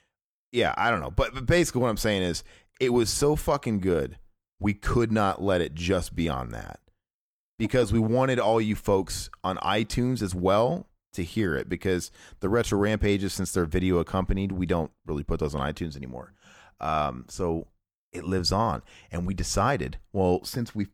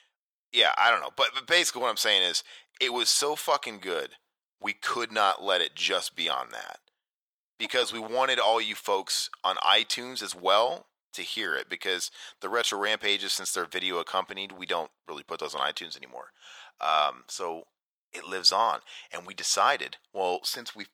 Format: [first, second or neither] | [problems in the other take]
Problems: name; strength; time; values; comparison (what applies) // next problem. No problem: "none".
first | thin; very; fading below 800 Hz